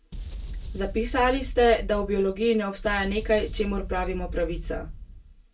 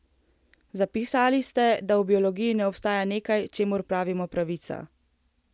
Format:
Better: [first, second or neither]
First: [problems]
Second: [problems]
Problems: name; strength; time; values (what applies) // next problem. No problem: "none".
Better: second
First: background sound (Boom); 7 dB below the speech // room echo; dies away in 0.2 s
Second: none